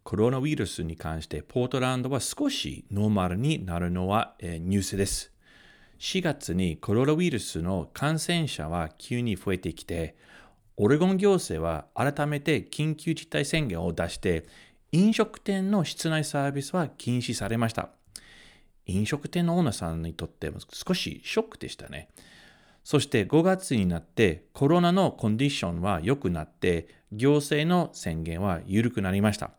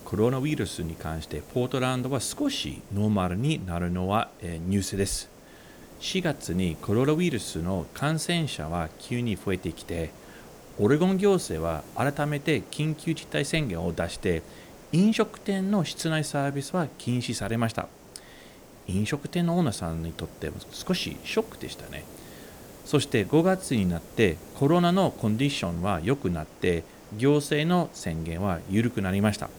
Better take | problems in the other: first | hiss; noticeable; throughout; 20 dB below the speech

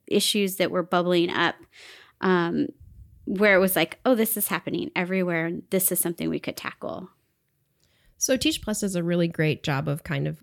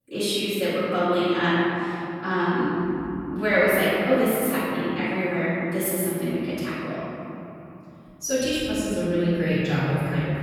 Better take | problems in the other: first | off-mic speech; far // room echo; strong; dies away in 3 s

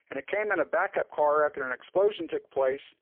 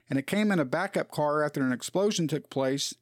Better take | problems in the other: second | phone-call audio; poor line; nothing above 3.5 kHz

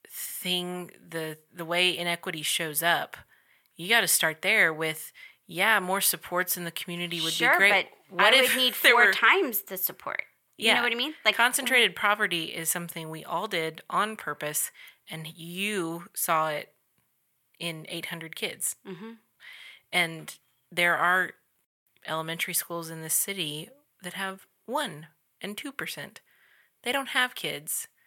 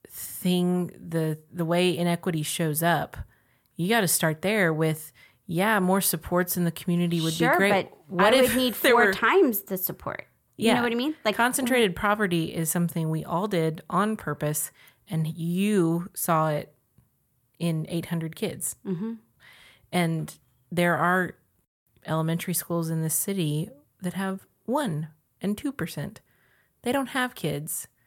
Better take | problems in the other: second | thin; somewhat; fading below 850 Hz

